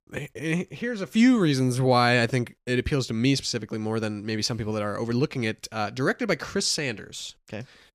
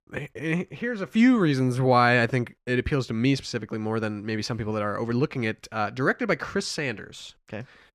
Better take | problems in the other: first | muffled; slightly; fading above 3.5 kHz

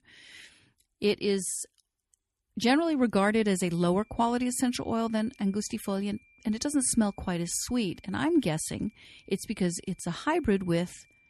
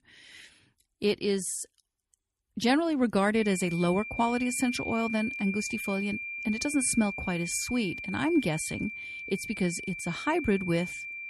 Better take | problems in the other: first | high-pitched whine; loud; from 3.5 s on; 2.5 kHz, 7 dB below the speech; faint in the first

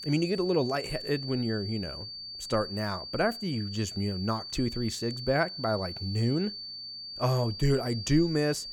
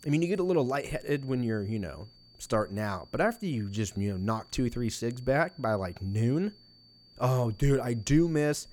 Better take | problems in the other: second | high-pitched whine; loud; throughout; 4.5 kHz, 8 dB below the speech; faint in the second

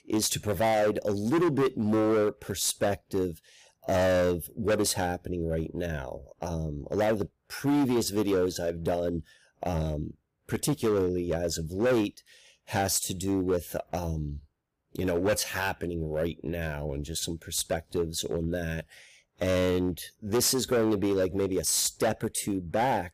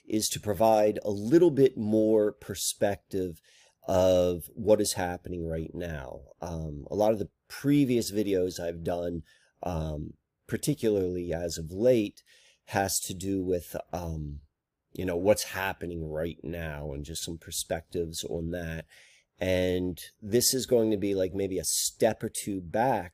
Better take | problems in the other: second | distortion; heavy; 9% of the sound clipped

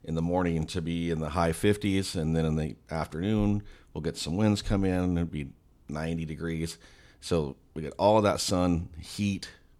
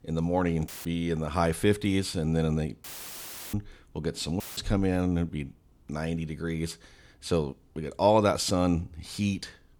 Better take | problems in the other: first | audio cutting out; filled with static; at 0.5 s, at 3 s for 0.5 s and at 4.5 s

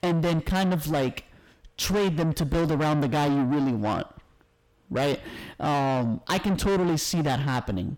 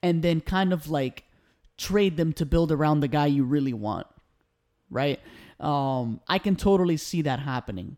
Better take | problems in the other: second | distortion; heavy; 6 dB below the speech

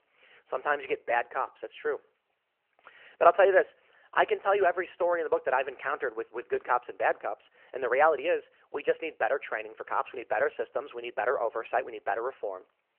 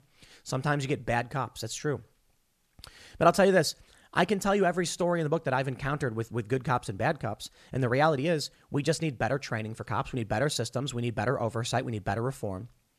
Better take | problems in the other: second | phone-call audio

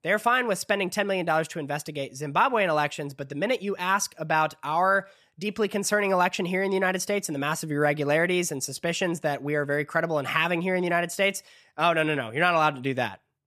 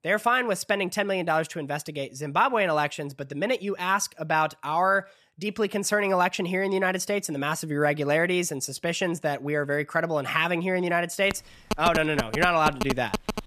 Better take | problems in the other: first | phone ringing; noticeable; from 11 s on; peak 5 dB below the speech

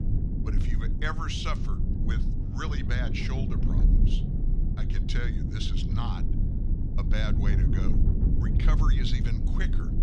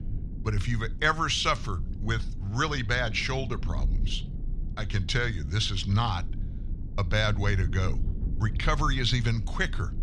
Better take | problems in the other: second | low rumble; loud; throughout; 4 dB below the speech; faint in the second

